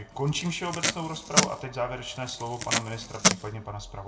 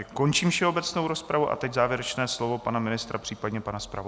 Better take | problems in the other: second | background sound (Packing tape, duct tape); 3 dB above the speech // room echo; dies away in 0.3 s

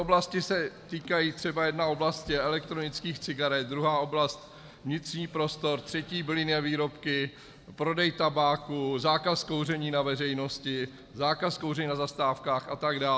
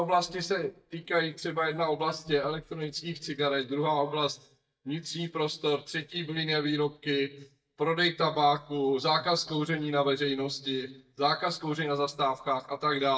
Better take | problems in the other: first | noise reduction (neural mask model DeepFilterNet 3)

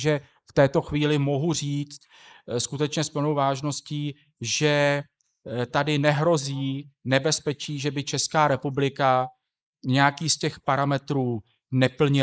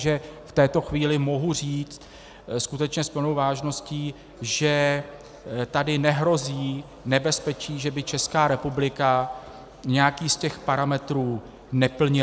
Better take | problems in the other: second | noise reduction (neural mask model Resemble Enhance denoiser)

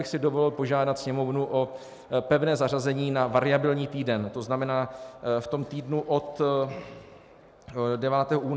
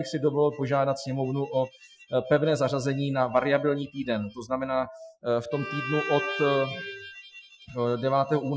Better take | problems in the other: first | noise reduction (classical method Wiener filter)

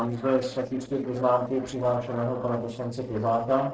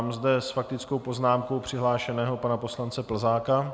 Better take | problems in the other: second | noise reduction (neural separator model SepFormer DNS4)

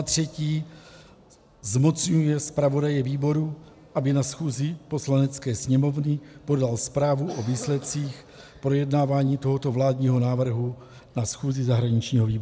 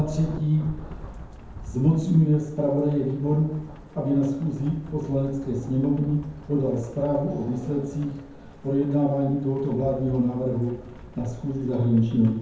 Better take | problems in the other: first | background sound (Rain / Thunderstorm); 17 dB below the speech // room echo; dies away in 0.9 s

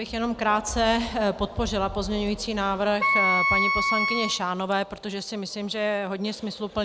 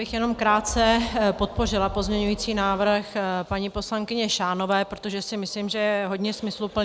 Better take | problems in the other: second | background sound (Wind instrument, woodwind instrument); 1 dB above the speech

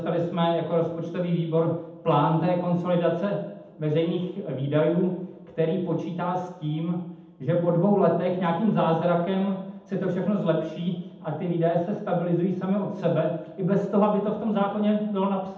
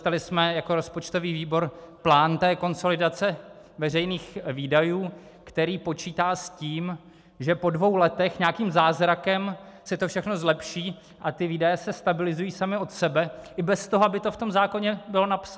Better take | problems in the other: second | room echo; dies away in 0.8 s

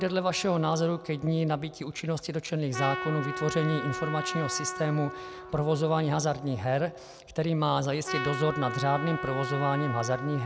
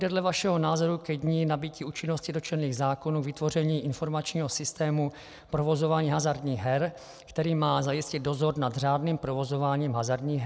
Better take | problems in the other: second | background sound (Trumpet); 9 dB below the speech

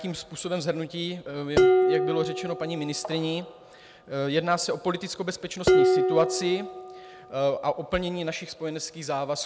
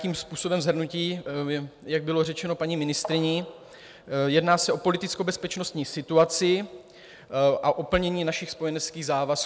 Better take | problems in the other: second | background sound (Dishes, pots, and pans); 1 dB above the speech

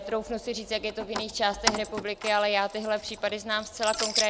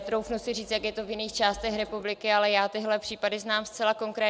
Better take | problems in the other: second | background sound (Keys jangling); 6 dB below the speech

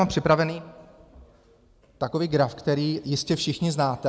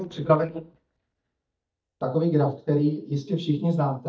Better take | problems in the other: first | noise reduction (neural mask model DeepFilterNet 3)

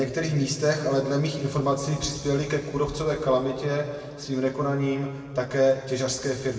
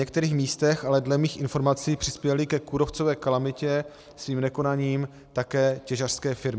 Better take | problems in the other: second | room echo; dies away in 2 s

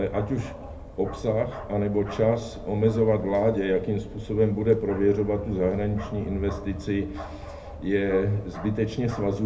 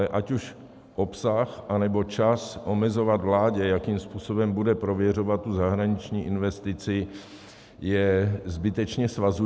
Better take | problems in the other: second | background sound (Bark); 13 dB below the speech // room echo; dies away in 0.3 s

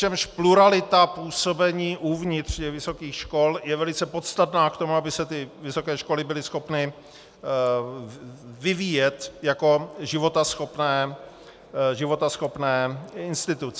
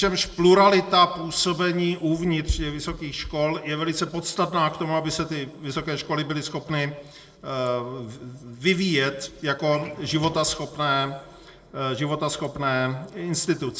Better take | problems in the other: first | noise reduction (neural separator model SepFormer DNS4)

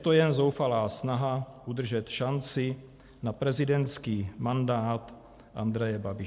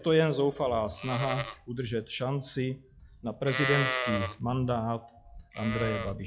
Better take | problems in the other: first | noise reduction (classical method log-MMSE)

